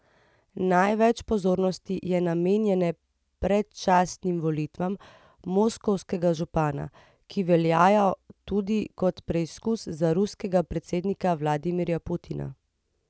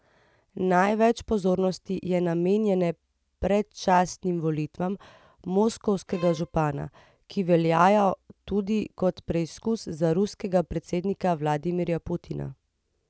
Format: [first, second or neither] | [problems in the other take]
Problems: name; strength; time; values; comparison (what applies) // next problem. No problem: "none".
first | background sound (Bowed string instrument); 20 dB below the speech